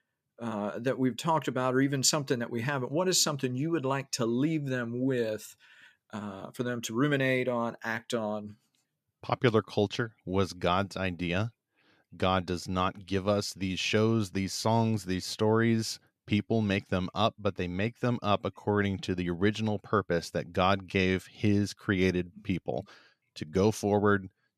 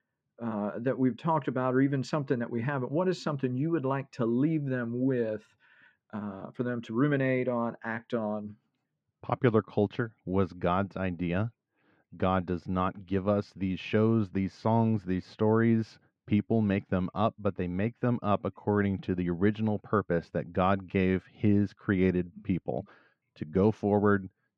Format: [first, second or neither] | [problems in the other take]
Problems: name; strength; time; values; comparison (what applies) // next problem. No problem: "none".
first | muffled; very; fading above 2 kHz